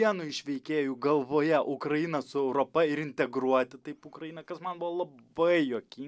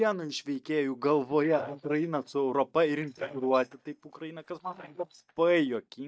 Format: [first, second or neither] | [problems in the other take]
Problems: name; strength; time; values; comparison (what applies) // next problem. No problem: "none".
first | noise reduction (neural mask model DeepFilterNet 3)